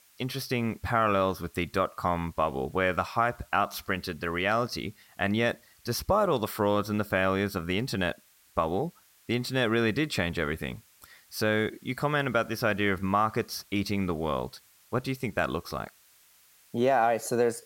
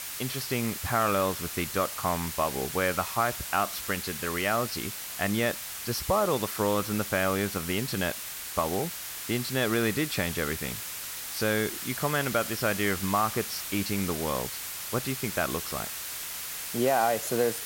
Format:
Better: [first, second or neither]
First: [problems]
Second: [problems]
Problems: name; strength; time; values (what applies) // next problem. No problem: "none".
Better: first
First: hiss; faint; throughout; 30 dB below the speech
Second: hiss; loud; throughout; 5 dB below the speech